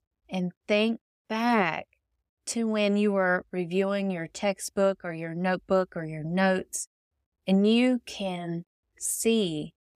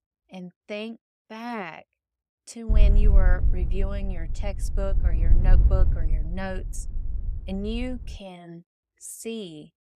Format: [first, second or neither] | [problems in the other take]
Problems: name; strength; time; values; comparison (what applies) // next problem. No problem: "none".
first | wind noise on the microphone; heavy; from 2.5 to 8 s; 8 dB below the speech